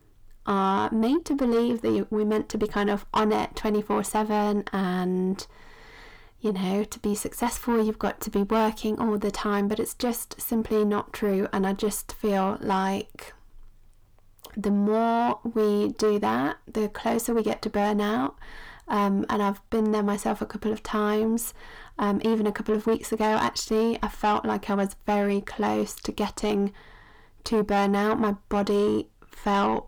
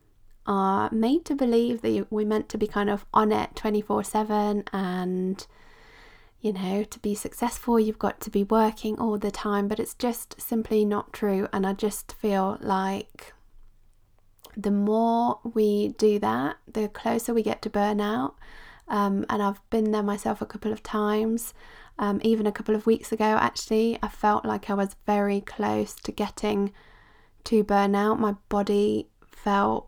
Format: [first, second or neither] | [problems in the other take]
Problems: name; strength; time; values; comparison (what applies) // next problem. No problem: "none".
second | distortion; slight; 10 dB below the speech